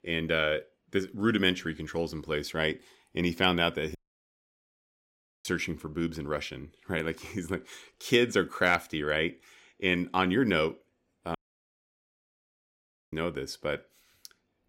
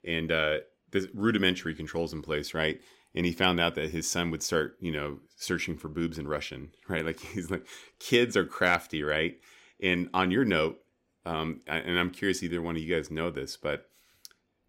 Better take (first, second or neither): second